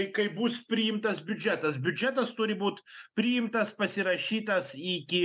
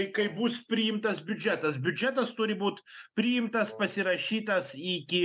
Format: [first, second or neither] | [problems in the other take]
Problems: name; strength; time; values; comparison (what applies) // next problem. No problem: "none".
first | background sound (Wind instrument, woodwind instrument); 19 dB below the speech